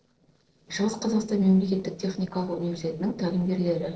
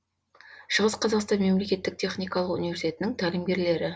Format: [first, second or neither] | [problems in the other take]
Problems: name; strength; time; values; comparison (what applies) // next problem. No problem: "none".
second | noise reduction (neural separator model SepFormer DNS4)